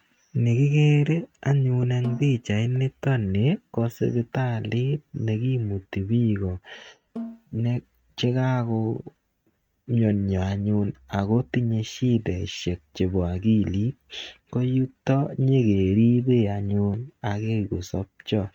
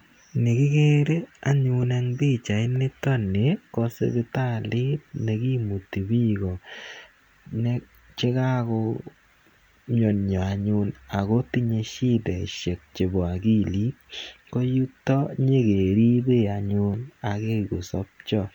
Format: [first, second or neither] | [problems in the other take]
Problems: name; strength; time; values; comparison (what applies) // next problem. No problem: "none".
second | noise reduction (neural mask model RNNoise)